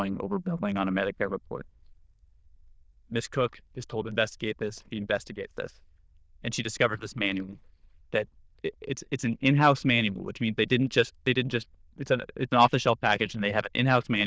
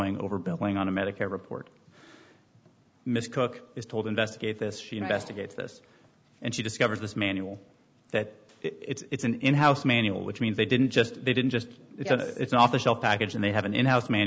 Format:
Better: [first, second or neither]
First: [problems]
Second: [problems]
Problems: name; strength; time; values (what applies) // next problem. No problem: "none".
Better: second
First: noise reduction (neural diffusion model UNIVERSE++)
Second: none